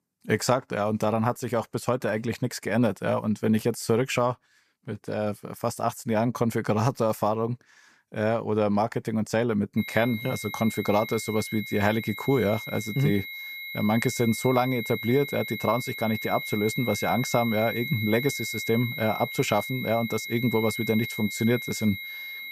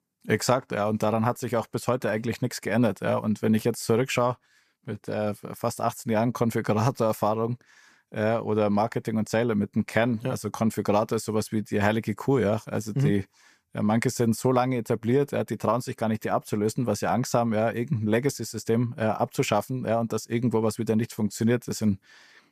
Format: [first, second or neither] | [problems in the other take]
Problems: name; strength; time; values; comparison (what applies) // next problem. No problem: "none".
second | high-pitched whine; loud; from 10 s on; 2 kHz, 7 dB below the speech